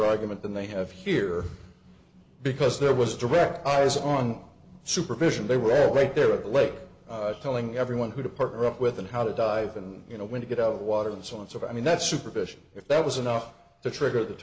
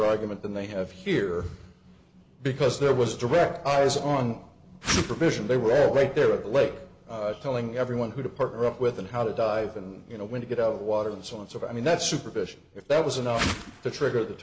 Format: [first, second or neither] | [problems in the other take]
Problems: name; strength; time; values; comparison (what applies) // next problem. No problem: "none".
first | background sound (Whoosh, swoosh, swish); 4 dB below the speech